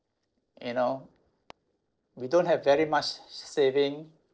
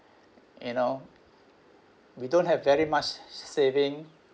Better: second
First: noise reduction (neural separator model SepFormer DNS4)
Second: none

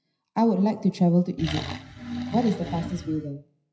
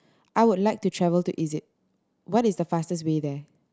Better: second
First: noise reduction (classical method WPE with log-MMSE)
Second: none

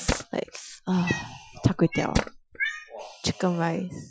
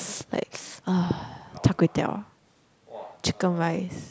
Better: second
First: noise reduction (classical method Wiener filter)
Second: none

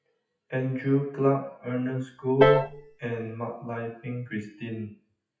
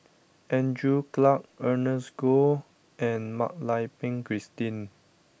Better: second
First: noise reduction (classical method WPE with log-MMSE)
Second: none

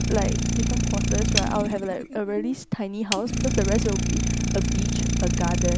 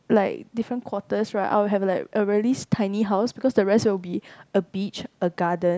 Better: second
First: background sound (Idling); 4 dB above the speech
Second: none

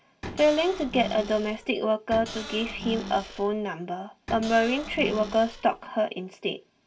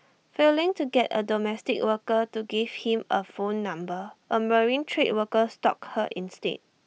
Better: second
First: background sound (Cupboard open or close / Door); 12 dB below the speech // room echo; dies away in 0.1 s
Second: none

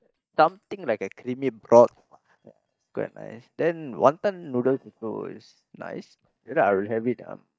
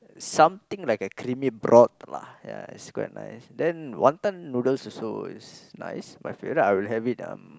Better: second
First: noise reduction (neural mask model DeepFilterNet 3)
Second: none

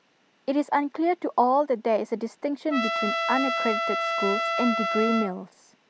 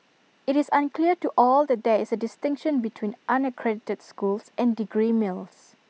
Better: second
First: background sound (Trumpet); 1 dB below the speech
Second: none

